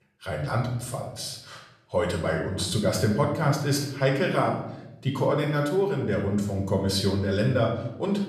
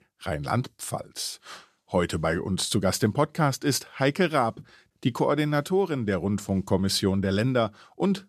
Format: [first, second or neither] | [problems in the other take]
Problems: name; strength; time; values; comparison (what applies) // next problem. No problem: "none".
second | off-mic speech; somewhat distant // room echo; noticeable; dies away in 0.8 s